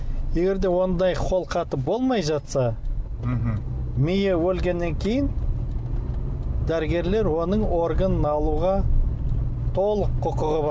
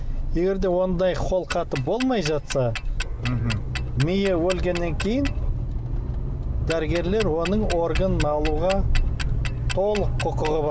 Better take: first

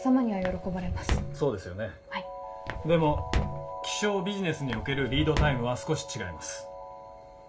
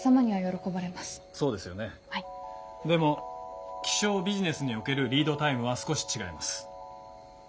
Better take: second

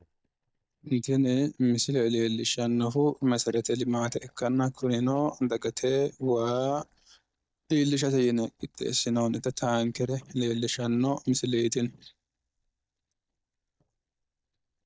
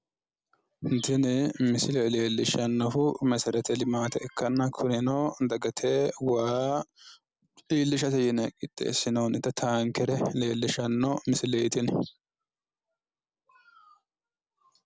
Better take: second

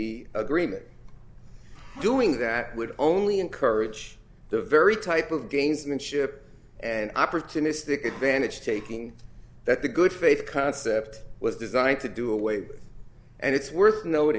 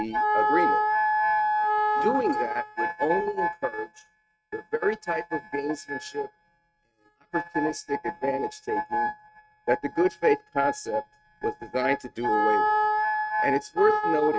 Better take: first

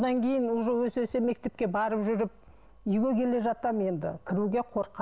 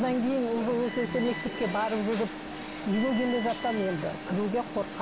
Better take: first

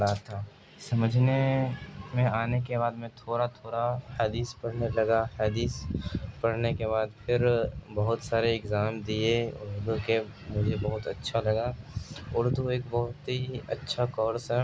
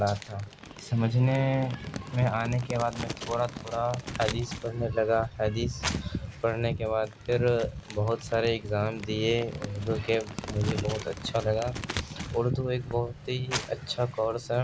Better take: first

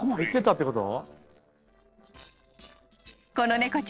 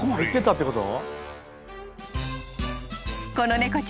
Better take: second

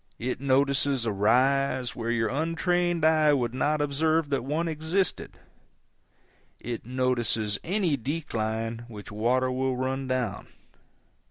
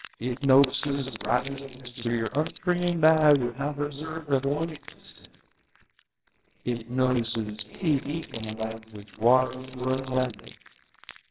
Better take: first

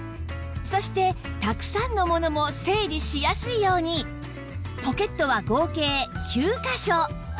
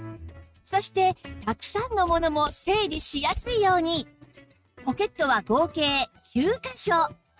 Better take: first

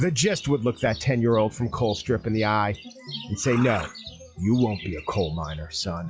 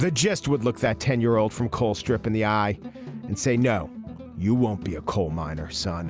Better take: second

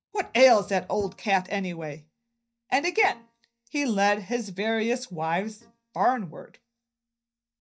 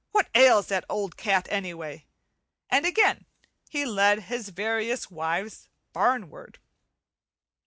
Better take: second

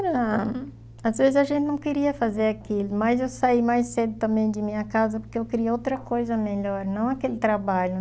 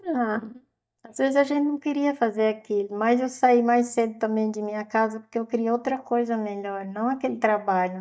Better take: first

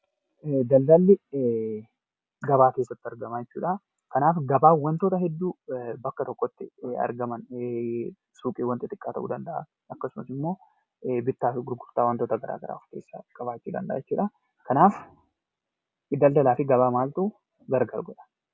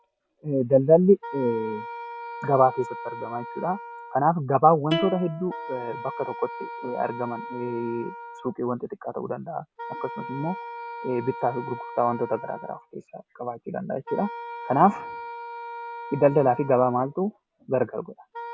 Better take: first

